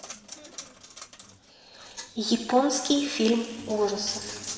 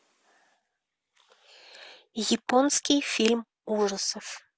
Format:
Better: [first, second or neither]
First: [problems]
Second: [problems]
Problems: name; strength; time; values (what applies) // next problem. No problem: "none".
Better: second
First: background sound (Coin (dropping)); 15 dB below the speech // room echo; dies away in 2 s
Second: none